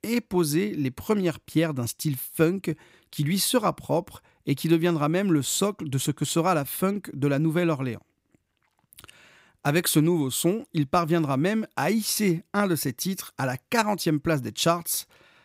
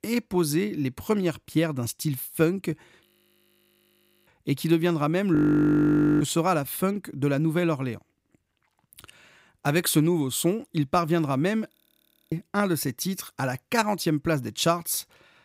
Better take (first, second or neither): first